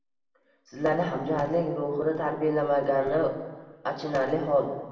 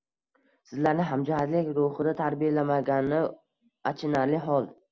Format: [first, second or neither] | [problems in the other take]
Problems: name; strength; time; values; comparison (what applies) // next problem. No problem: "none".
second | room echo; dies away in 1.3 s